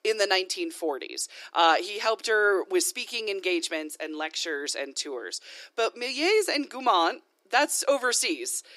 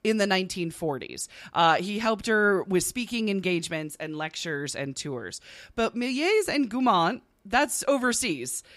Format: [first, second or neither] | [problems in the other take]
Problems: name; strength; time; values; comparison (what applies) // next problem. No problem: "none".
second | thin; somewhat; fading below 300 Hz